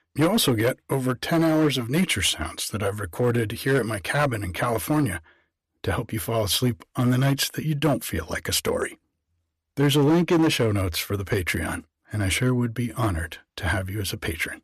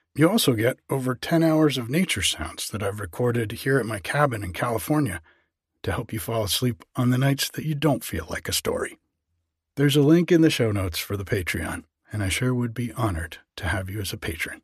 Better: second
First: distortion; slight; 5% of the sound clipped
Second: none

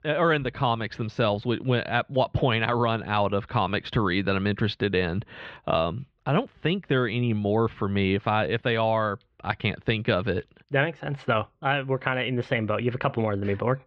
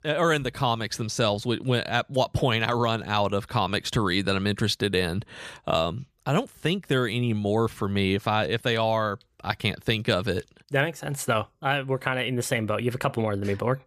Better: second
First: muffled; slightly; fading above 3 kHz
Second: none

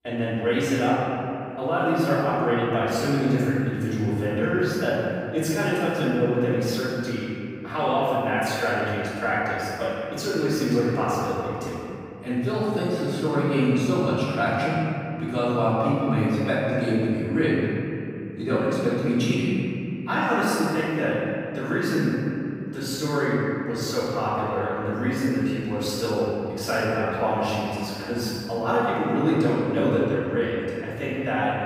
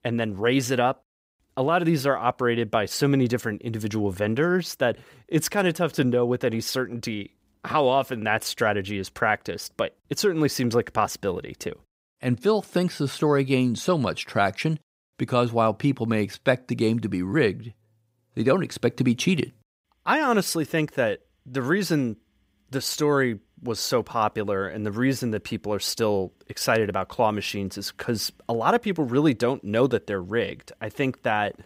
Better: second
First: off-mic speech; far // room echo; strong; dies away in 2.7 s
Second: none

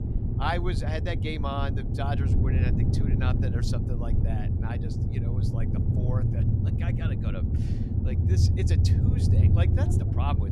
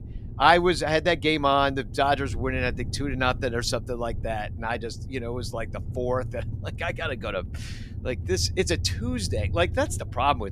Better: second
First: low rumble; loud; throughout; 1 dB below the speech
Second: low rumble; faint; throughout; 25 dB below the speech

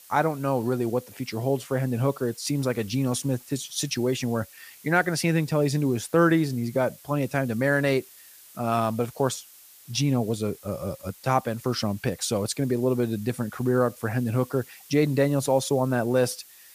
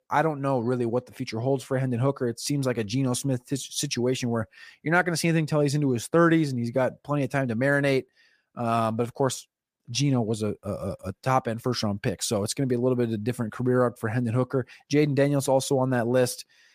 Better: second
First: hiss; faint; throughout; 20 dB below the speech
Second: none

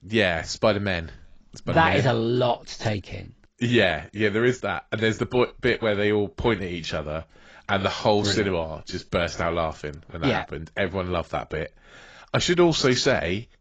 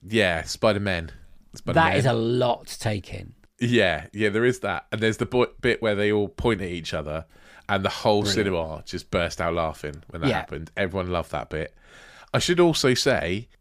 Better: second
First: garbled, watery; badly; nothing above 7.5 kHz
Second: none

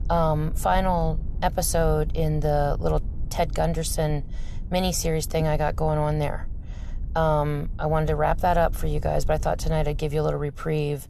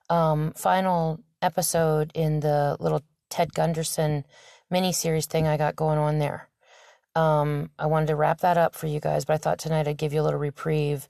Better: second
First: low rumble; faint; throughout; 25 dB below the speech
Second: none

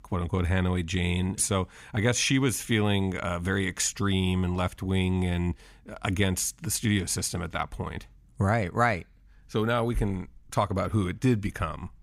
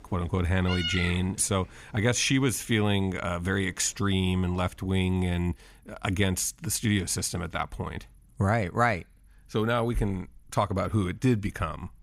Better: first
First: none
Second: animal sounds; very faint; throughout; 5 dB below the speech

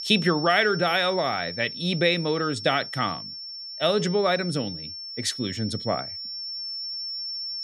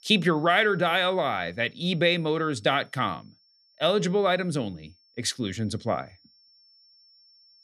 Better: second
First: high-pitched whine; loud; throughout; 5.5 kHz, 8 dB below the speech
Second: high-pitched whine; faint; throughout; 5.5 kHz, 35 dB below the speech

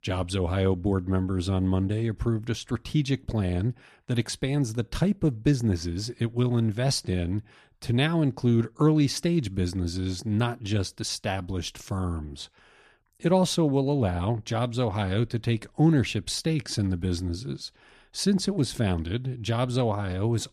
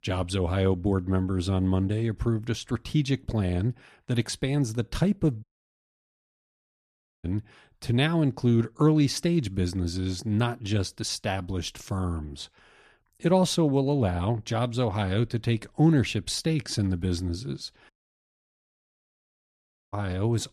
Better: first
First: none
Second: audio cutting out; at 5.5 s for 2 s and at 18 s for 2 s

